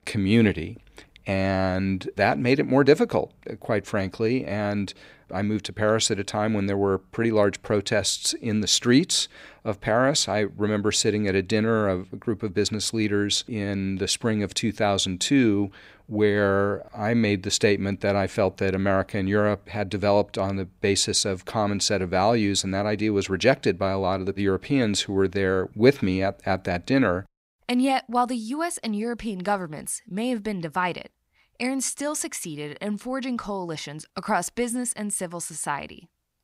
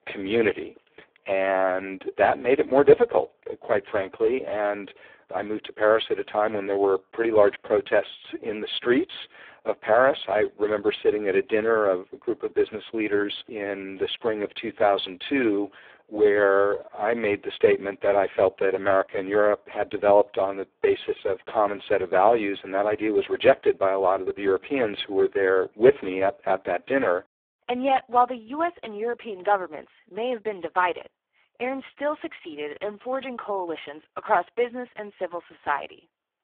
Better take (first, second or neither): first